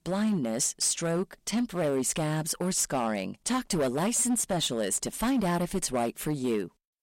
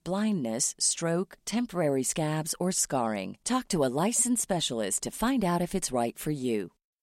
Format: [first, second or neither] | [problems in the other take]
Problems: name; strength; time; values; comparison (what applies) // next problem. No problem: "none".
second | distortion; slight; 10% of the sound clipped